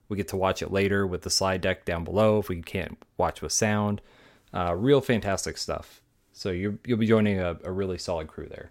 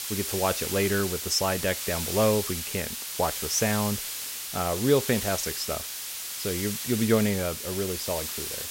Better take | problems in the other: first | hiss; loud; throughout; 3 dB below the speech

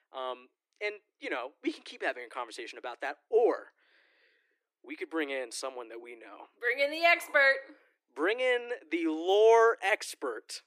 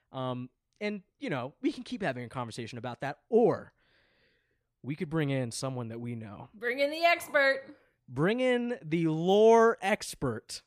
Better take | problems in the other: second | thin; very; fading below 300 Hz

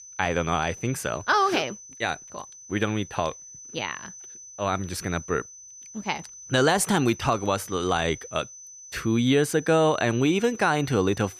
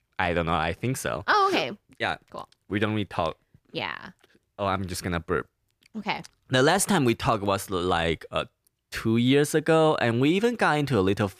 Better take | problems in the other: second | high-pitched whine; noticeable; throughout; 6 kHz, 15 dB below the speech

